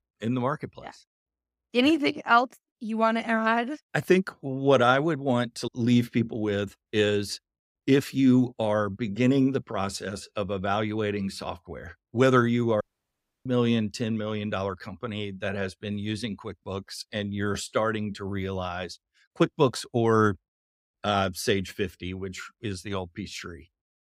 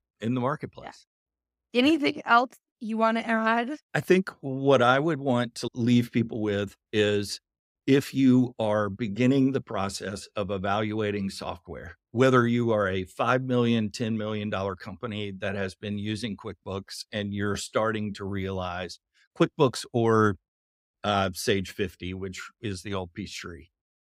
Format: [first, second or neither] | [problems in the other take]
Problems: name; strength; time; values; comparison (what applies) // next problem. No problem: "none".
second | audio cutting out; at 13 s for 0.5 s